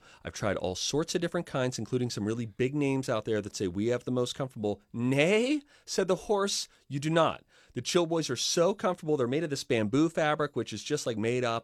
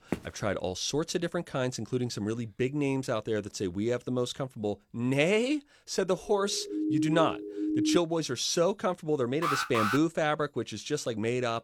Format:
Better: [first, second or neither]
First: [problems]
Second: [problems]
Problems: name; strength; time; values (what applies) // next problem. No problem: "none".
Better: first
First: none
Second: footsteps; very faint; at the start; peak 8 dB below the speech // siren; loud; from 6.5 to 8 s; peak 2 dB above the speech // alarm; loud; at 9.5 s; peak 1 dB above the speech